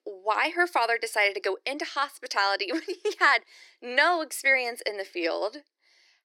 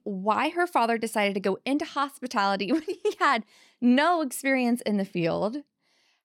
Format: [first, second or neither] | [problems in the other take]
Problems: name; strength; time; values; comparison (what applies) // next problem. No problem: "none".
second | thin; very; fading below 350 Hz